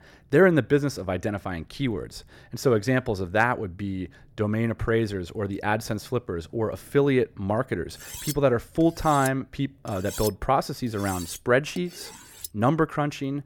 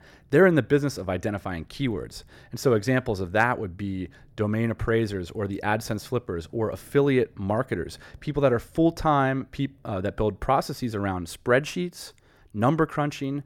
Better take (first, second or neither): second